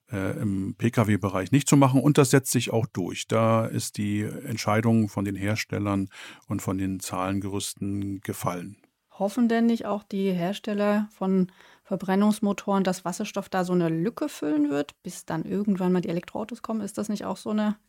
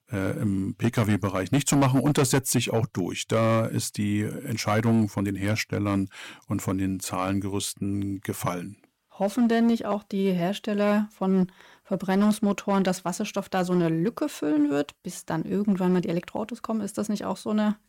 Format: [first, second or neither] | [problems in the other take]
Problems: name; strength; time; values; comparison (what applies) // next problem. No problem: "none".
first | distortion; slight; 4% of the sound clipped